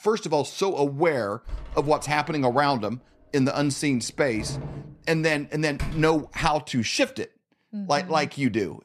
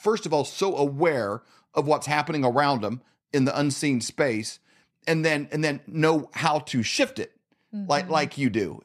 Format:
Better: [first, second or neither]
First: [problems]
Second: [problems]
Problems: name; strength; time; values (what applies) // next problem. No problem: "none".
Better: second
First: door banging; noticeable; from 1.5 to 6.5 s; peak 9 dB below the speech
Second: none